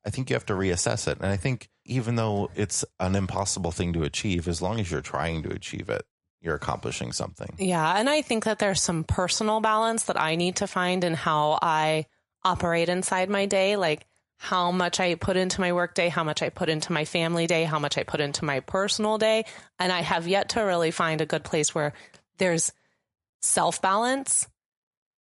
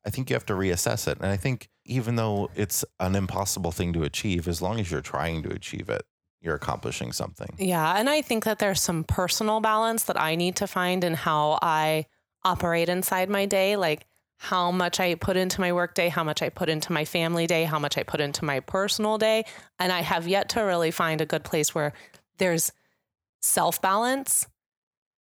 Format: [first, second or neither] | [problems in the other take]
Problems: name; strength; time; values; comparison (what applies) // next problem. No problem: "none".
second | garbled, watery; slightly; nothing above 11 kHz